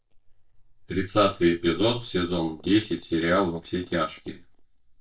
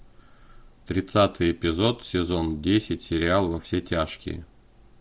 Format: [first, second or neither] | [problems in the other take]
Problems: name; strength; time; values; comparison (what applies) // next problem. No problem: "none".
second | noise reduction (neural mask model DeepFilterNet 3)